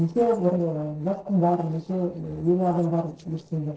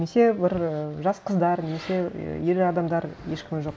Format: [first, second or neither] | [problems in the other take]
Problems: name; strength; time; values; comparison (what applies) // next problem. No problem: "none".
second | noise reduction (neural separator model SepFormer DNS4)